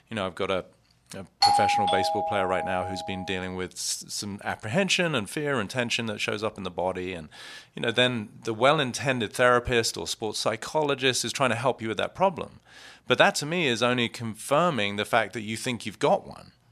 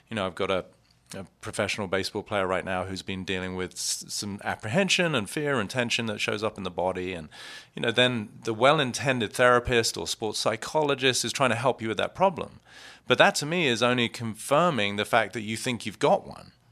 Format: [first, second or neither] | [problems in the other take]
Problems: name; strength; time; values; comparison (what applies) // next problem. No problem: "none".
second | doorbell; loud; from 1.5 to 3 s; peak 6 dB above the speech